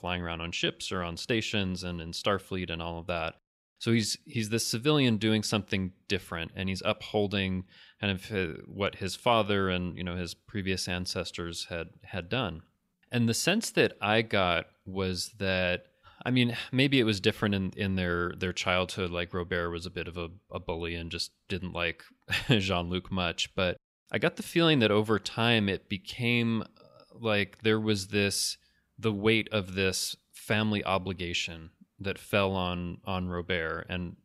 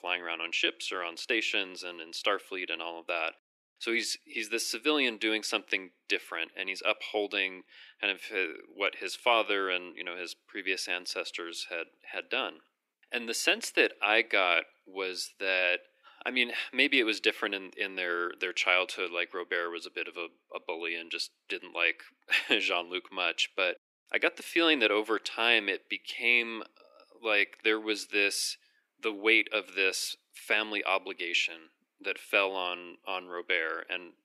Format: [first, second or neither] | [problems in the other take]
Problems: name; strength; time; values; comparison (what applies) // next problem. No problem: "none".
first | thin; very; fading below 300 Hz